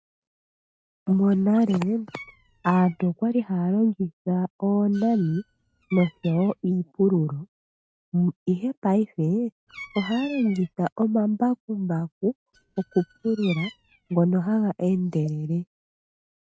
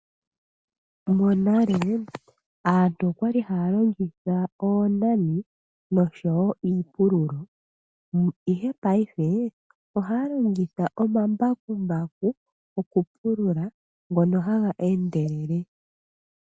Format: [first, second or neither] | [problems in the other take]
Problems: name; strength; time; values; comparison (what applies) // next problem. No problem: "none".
second | noise reduction (neural mask model RNNoise)